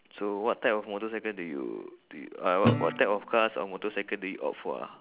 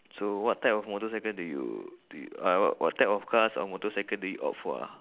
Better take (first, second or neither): second